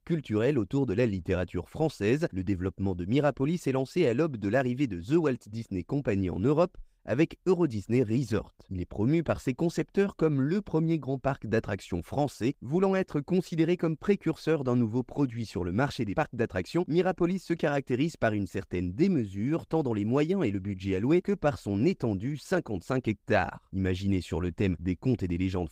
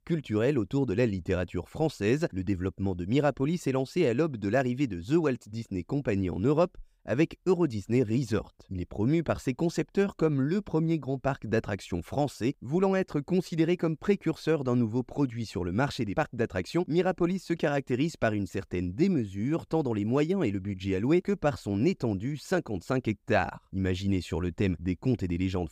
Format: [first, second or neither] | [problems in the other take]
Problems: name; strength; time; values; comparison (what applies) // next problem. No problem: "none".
second | garbled, watery; slightly; nothing above 15.5 kHz